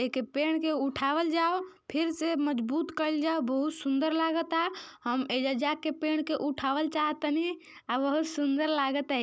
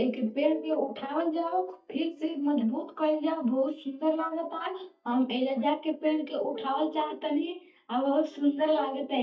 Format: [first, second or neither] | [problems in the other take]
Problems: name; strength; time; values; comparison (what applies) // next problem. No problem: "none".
first | noise reduction (neural mask model DeepFilterNet 3)